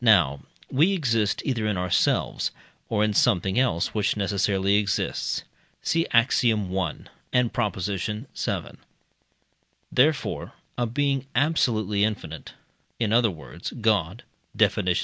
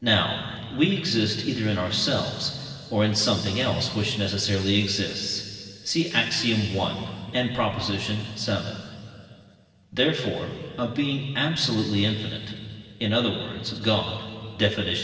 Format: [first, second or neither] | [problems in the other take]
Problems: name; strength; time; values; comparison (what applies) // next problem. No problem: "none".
first | room echo; dies away in 2.5 s